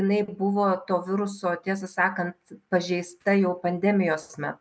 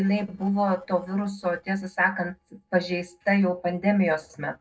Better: first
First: none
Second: noise reduction (neural separator model SepFormer DNS4)

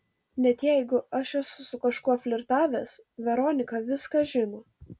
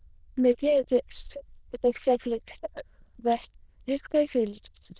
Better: first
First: none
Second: noise reduction (neural diffusion model UNIVERSE++)

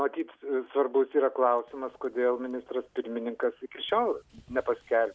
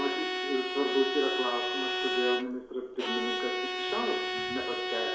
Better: first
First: none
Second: background sound (Bowed string instrument); 1 dB above the speech // room echo; dies away in 0.6 s

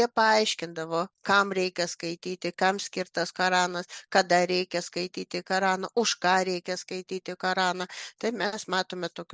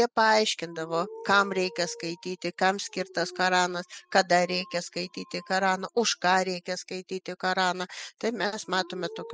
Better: first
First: none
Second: noise reduction (classical method spectral subtraction)

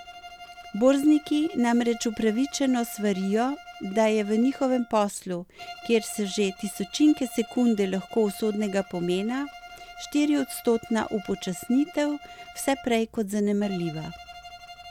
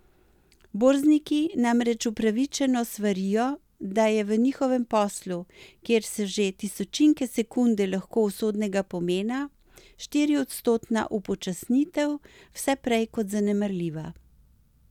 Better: second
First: background sound (Bowed string instrument); 18 dB below the speech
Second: none

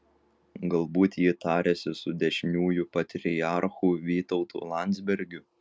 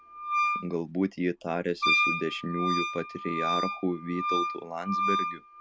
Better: first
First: none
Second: background sound (Wind instrument, woodwind instrument); 2 dB above the speech

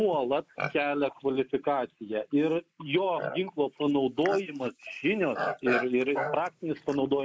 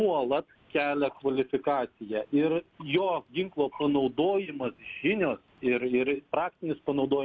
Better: second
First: noise reduction (neural mask model Resemble Enhance denoiser)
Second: none

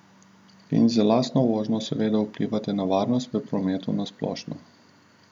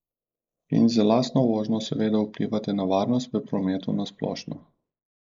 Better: first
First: none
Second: noise reduction (neural mask model Resemble Enhance denoiser)

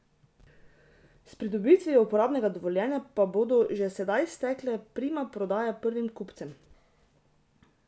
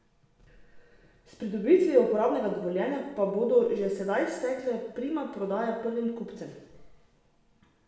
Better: first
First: none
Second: room echo; dies away in 0.9 s

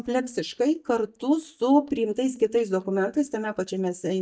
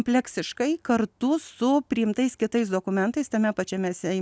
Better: second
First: noise reduction (neural mask model DeepFilterNet 3)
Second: none

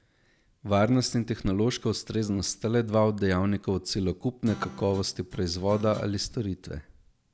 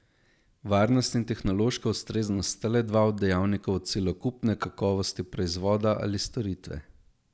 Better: second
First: background sound (Guitar); 18 dB below the speech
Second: none

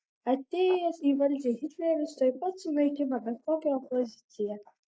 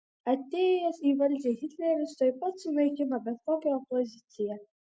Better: second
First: noise reduction (neural mask model Resemble Enhance denoiser)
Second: none

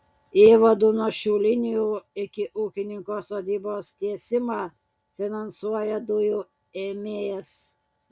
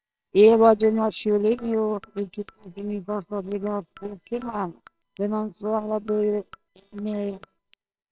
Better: first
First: none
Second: noise reduction (neural separator model SepFormer WHAMR!)

